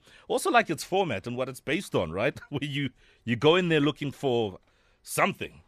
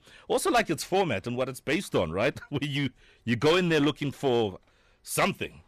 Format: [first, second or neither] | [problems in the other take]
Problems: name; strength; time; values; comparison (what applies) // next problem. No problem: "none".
first | distortion; slight; 5% of the sound clipped